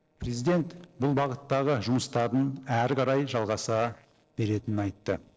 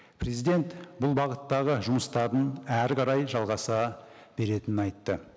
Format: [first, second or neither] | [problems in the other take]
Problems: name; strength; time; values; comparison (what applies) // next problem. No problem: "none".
second | noise reduction (neural separator model SepFormer DNS4)